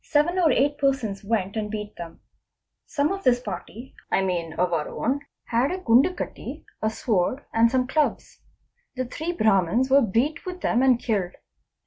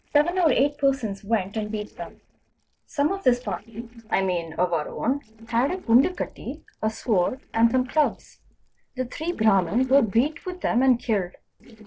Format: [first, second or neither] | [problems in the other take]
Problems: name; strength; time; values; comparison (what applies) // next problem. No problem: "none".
first | noise reduction (neural separator model SepFormer DNS4)